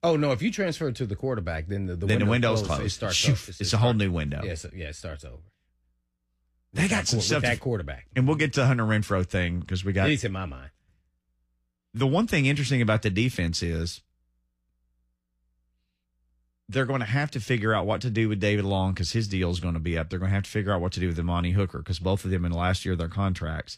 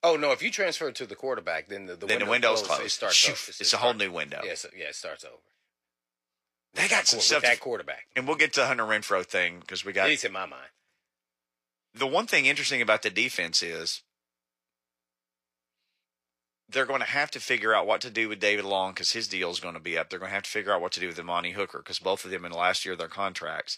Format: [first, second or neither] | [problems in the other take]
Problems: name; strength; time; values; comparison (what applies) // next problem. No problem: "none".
first | thin; very; fading below 600 Hz